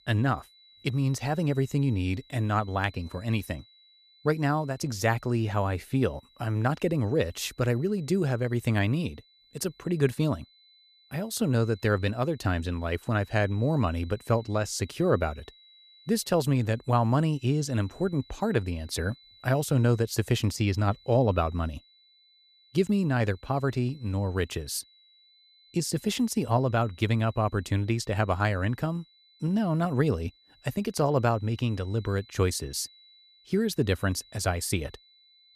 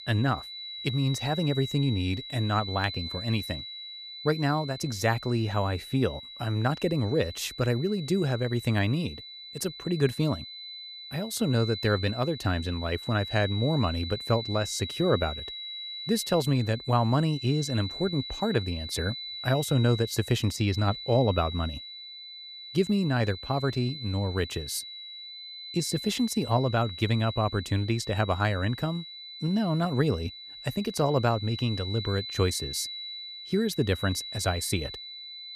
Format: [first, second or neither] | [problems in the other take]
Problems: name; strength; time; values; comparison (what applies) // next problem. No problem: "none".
first | high-pitched whine; loud; throughout; 4 kHz, 9 dB below the speech; faint in the first